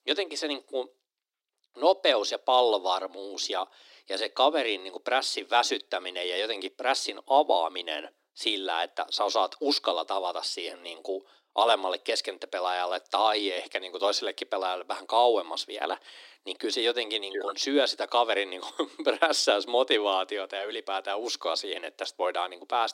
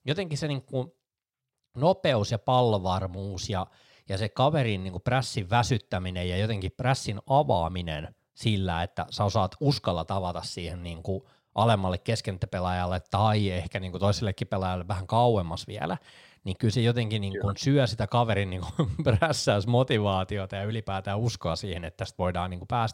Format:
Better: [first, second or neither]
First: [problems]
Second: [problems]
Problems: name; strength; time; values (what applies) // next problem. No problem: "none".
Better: second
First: thin; very; fading below 300 Hz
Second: none